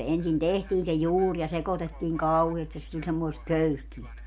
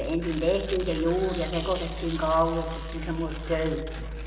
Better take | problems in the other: first | background sound (Tearing); 16 dB below the speech // room echo; dies away in 1.7 s

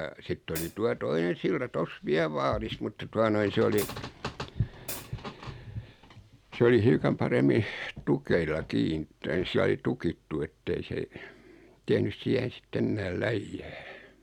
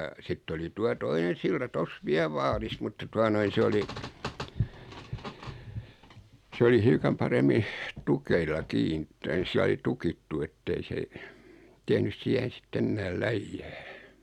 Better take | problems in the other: second | background sound (Hi-hat); 12 dB below the speech

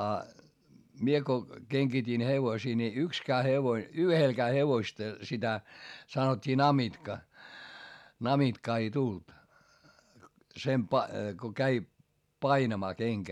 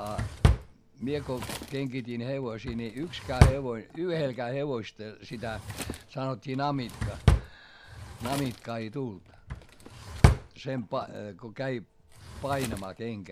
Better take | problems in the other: first | background sound (Drawer open or close); 4 dB above the speech

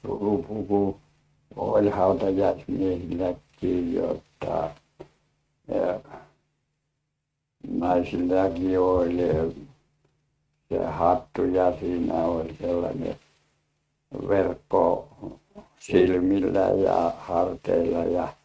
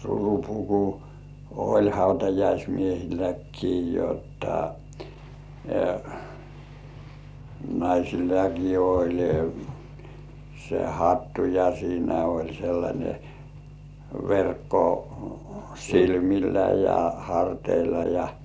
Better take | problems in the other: second | noise reduction (neural mask model RNNoise)

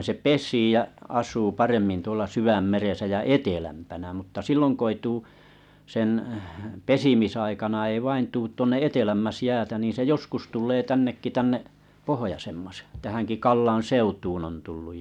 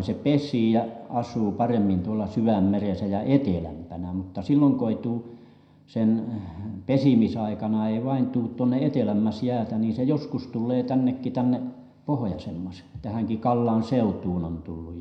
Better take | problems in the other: first | room echo; dies away in 0.7 s

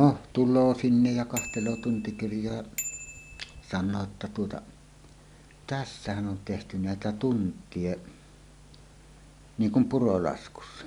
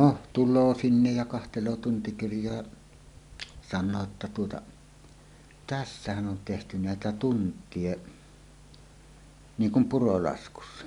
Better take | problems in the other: second | background sound (Bicycle bell); 13 dB below the speech

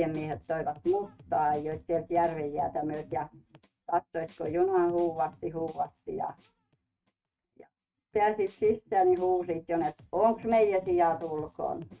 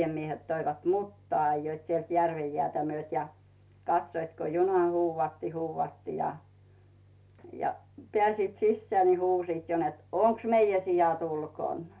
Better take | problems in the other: second | noise reduction (neural mask model RNNoise)

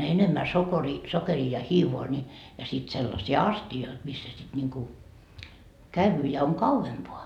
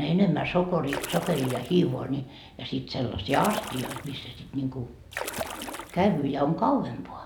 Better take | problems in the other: first | background sound (Splash, splatter); 9 dB below the speech

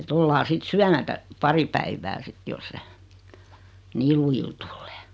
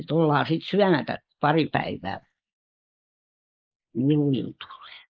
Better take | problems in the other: first | noise reduction (neural mask model Resemble Enhance denoiser)

